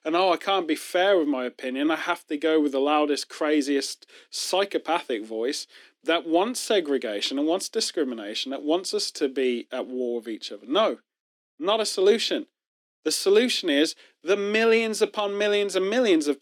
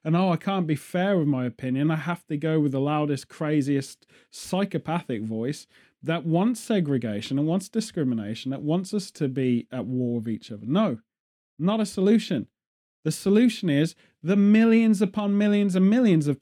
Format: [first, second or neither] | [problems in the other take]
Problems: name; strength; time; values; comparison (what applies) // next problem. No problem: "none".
second | thin; somewhat; fading below 300 Hz